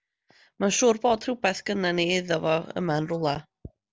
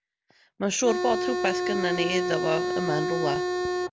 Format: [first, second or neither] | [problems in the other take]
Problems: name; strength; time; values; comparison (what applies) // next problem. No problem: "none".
first | background sound (Organ); 1 dB above the speech